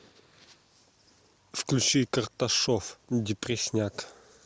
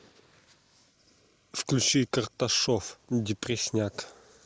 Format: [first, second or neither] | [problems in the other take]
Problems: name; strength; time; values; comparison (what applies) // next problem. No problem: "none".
first | noise reduction (neural mask model Resemble Enhance denoiser)